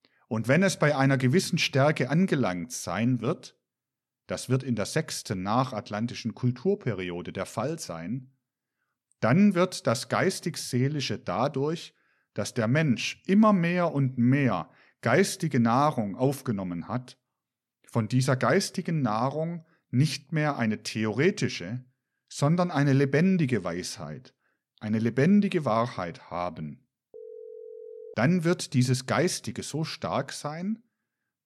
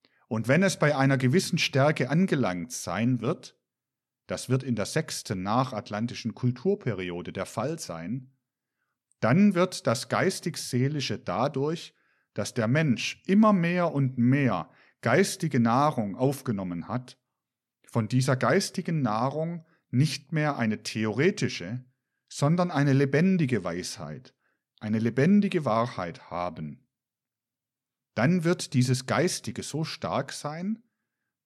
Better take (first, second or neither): second